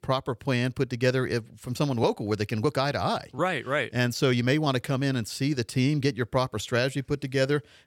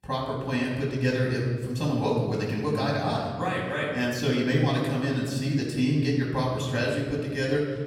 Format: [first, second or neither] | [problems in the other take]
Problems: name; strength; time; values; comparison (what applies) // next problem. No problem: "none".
first | off-mic speech; far // room echo; noticeable; dies away in 1.9 s